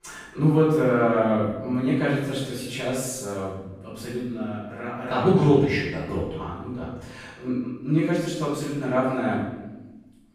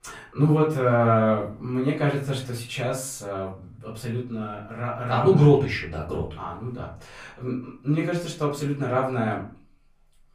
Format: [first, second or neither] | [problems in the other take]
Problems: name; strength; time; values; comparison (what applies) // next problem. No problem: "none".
second | room echo; strong; dies away in 0.9 s; slight in the second // off-mic speech; far; far in the second